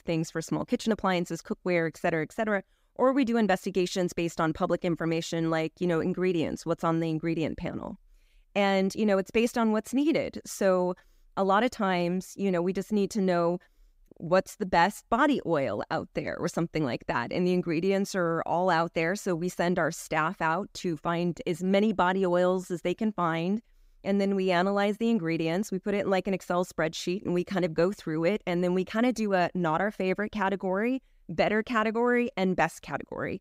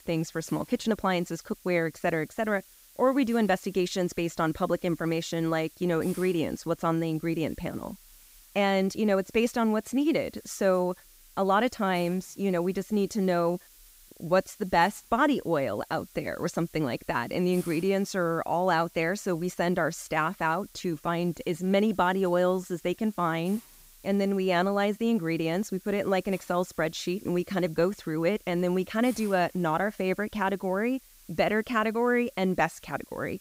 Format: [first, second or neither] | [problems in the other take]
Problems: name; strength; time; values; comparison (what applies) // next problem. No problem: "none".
first | hiss; faint; throughout; 25 dB below the speech